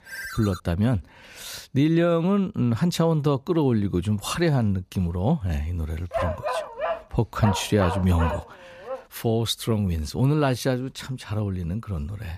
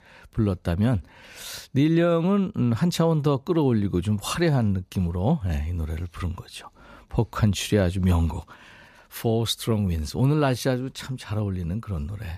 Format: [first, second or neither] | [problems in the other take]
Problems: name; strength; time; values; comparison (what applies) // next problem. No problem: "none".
second | phone ringing; noticeable; at the start; peak 10 dB below the speech // dog barking; noticeable; from 6 to 9 s; peak 3 dB below the speech